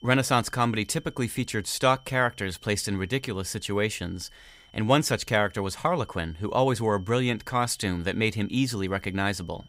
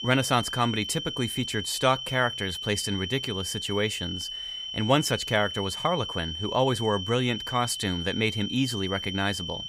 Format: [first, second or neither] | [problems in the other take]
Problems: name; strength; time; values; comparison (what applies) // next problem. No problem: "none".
first | high-pitched whine; loud; throughout; 3 kHz, 5 dB below the speech; faint in the first